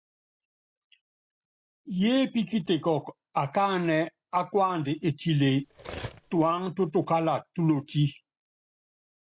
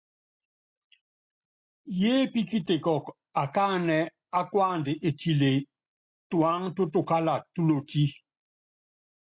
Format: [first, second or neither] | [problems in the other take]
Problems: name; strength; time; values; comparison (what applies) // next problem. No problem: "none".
second | background sound (Cutlery, silverware); 14 dB below the speech